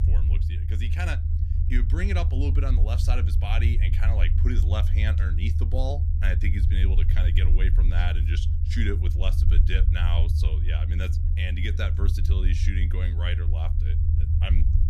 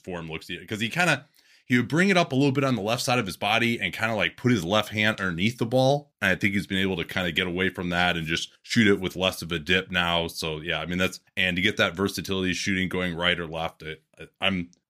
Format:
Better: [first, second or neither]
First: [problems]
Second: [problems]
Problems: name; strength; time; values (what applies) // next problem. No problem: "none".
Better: second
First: low rumble; loud; throughout; 6 dB below the speech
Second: none